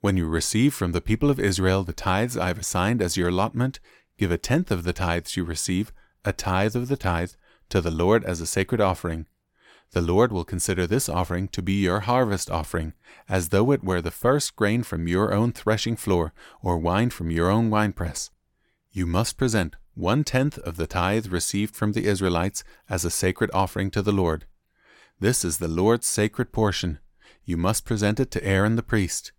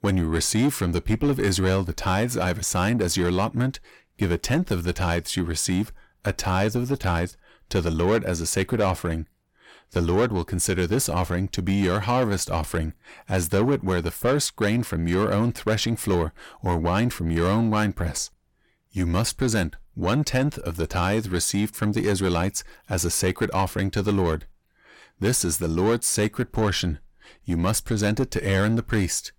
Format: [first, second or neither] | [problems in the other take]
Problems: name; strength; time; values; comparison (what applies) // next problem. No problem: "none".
first | distortion; slight; 10 dB below the speech